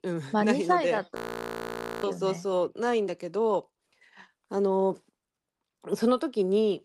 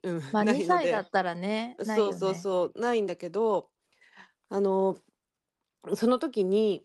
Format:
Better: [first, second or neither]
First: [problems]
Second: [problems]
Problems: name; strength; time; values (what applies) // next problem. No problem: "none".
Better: second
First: audio freezing; at 1 s for 1 s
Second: none